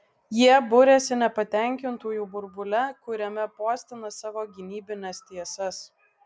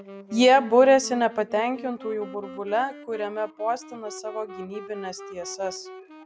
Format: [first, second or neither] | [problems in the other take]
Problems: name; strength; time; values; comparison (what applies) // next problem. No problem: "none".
first | background sound (Wind instrument, woodwind instrument); 17 dB below the speech